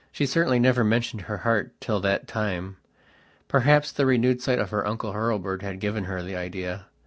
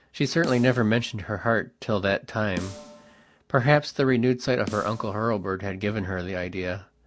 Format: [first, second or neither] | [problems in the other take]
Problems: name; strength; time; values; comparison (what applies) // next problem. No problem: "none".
first | background sound (Snare drum); 18 dB below the speech